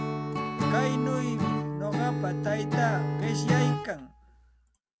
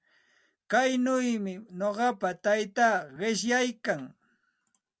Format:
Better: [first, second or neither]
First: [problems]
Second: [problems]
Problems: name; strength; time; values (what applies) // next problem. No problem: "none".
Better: second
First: background sound (Acoustic guitar / Strum); 5 dB above the speech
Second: none